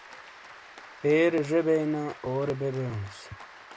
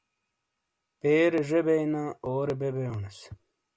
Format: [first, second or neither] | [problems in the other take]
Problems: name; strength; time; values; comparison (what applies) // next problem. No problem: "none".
second | background sound (Applause); 19 dB below the speech